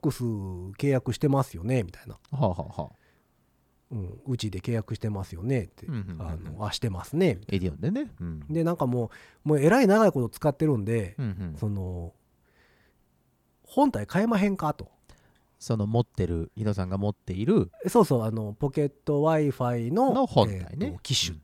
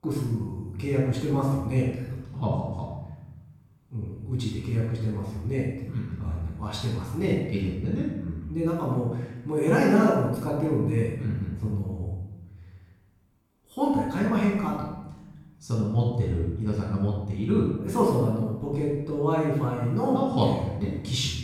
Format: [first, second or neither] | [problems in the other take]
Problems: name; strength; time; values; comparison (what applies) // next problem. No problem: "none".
first | off-mic speech; far // room echo; strong; dies away in 1 s